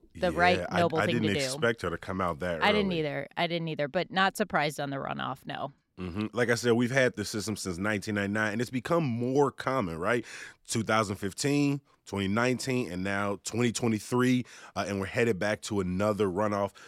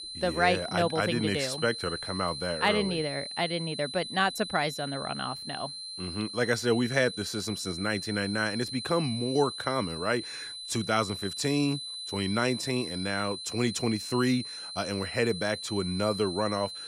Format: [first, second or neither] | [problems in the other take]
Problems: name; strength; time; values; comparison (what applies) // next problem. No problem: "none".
first | high-pitched whine; loud; throughout; 4 kHz, 7 dB below the speech